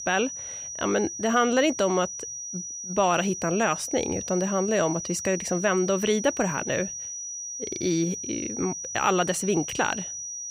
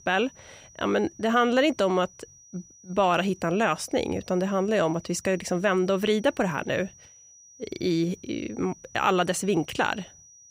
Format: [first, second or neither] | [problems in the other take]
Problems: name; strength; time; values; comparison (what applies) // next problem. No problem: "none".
second | high-pitched whine; loud; throughout; 6 kHz, 7 dB below the speech; faint in the second